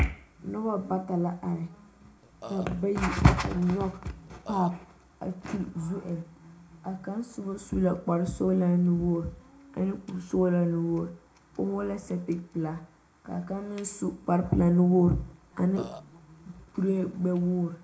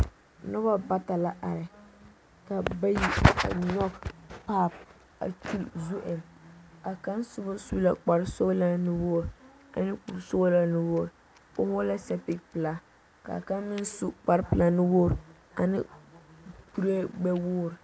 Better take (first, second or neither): second